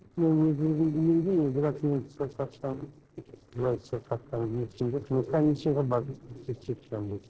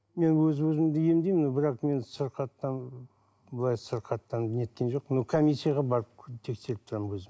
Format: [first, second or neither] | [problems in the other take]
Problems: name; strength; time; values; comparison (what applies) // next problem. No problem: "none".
second | noise reduction (neural separator model SepFormer DNS4)